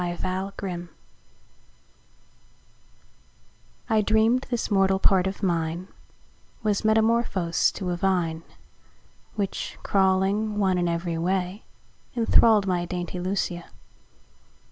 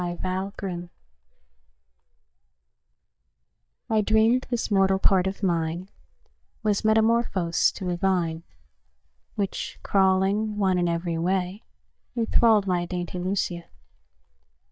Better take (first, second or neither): first